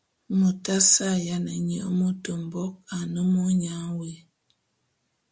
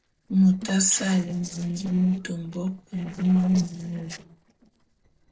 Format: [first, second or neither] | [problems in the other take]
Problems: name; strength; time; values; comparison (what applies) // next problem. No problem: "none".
first | noise reduction (neural separator model SepFormer DNS4)